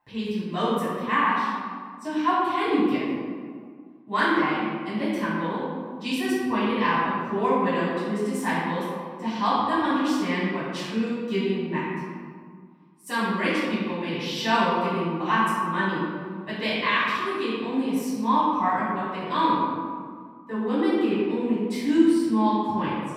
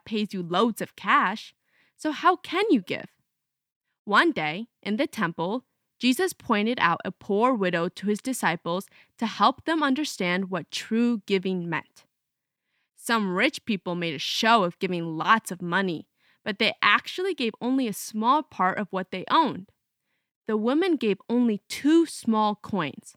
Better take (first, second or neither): second